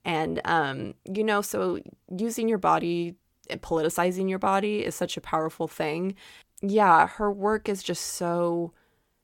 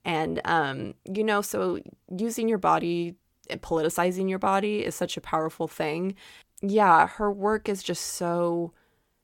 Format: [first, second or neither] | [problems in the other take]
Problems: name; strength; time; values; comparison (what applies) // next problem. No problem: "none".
neither | none